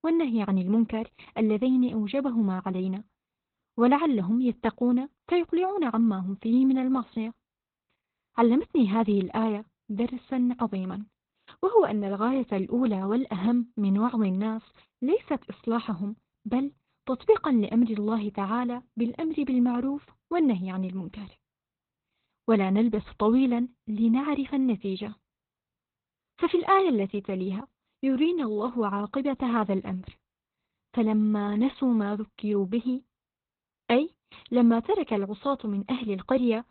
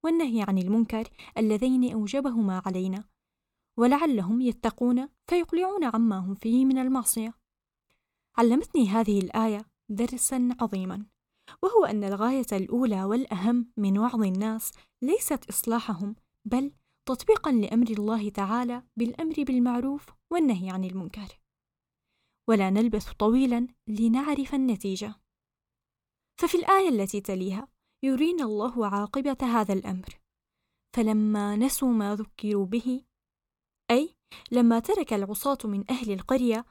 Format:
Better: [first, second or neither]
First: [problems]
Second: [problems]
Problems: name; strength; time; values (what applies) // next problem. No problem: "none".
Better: second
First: garbled, watery; badly; nothing above 4 kHz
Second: none